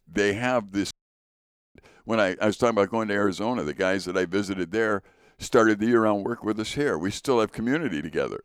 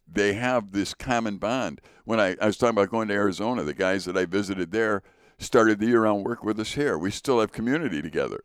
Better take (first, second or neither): second